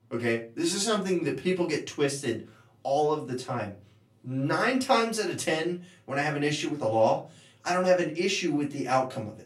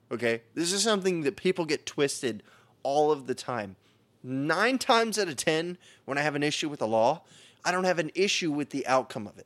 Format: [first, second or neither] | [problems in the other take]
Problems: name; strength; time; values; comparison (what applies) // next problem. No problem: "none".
second | off-mic speech; far // room echo; very slight; dies away in 0.3 s